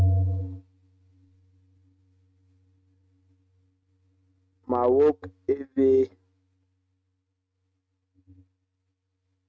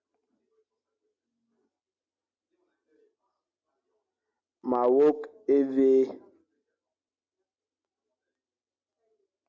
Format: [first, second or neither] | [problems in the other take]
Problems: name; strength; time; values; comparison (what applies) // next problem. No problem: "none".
second | noise reduction (neural mask model RNNoise)